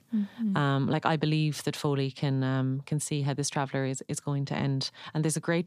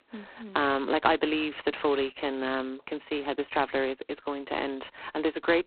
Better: first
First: none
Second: phone-call audio; poor line; nothing above 4 kHz

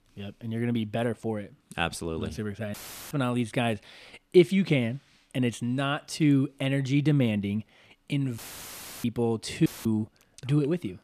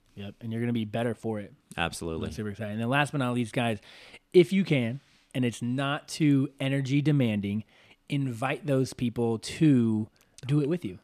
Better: second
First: audio cutting out; filled with static; at 2.5 s, at 8.5 s for 0.5 s and at 9.5 s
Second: none

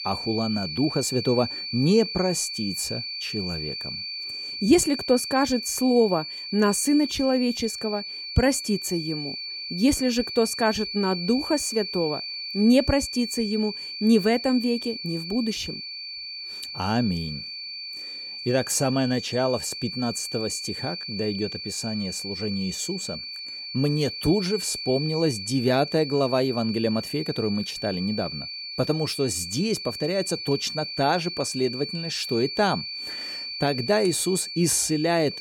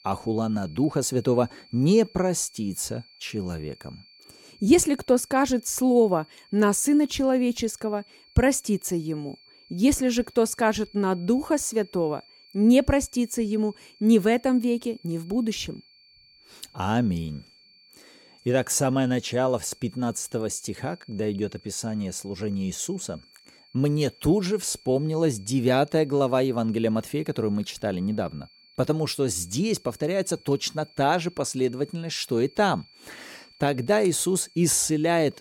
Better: second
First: high-pitched whine; loud; throughout; 4.5 kHz, 7 dB below the speech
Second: high-pitched whine; faint; throughout; 4.5 kHz, 25 dB below the speech

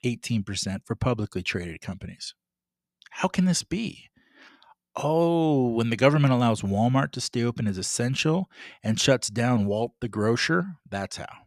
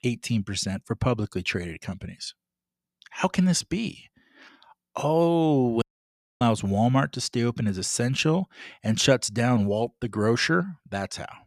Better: first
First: none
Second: audio cutting out; at 6 s for 0.5 s

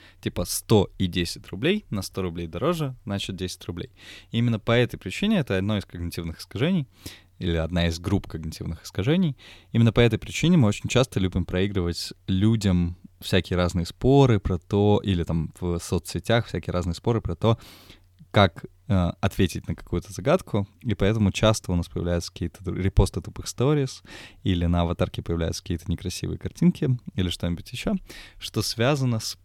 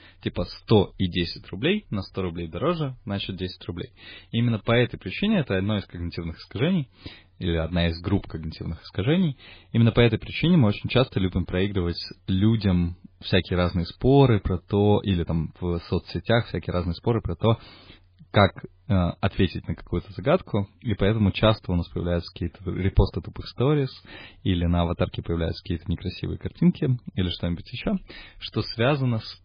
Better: first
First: none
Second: garbled, watery; badly; nothing above 5 kHz

